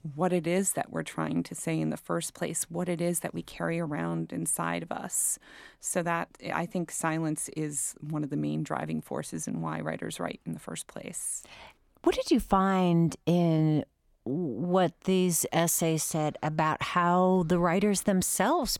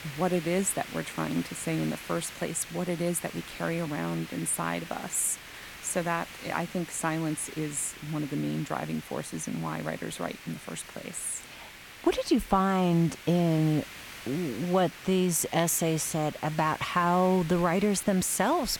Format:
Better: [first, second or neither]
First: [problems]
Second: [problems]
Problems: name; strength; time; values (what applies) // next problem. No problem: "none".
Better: first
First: none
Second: hiss; noticeable; throughout; 15 dB below the speech